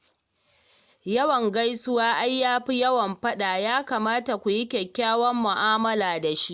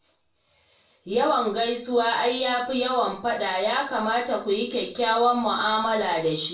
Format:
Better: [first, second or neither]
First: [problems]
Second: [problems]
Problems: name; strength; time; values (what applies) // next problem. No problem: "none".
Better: first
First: none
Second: room echo; dies away in 0.3 s